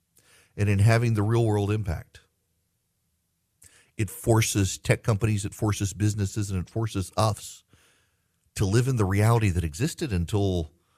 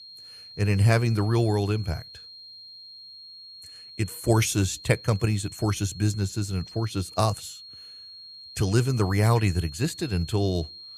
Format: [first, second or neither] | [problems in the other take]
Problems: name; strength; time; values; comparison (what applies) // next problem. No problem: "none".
first | high-pitched whine; noticeable; throughout; 4.5 kHz, 15 dB below the speech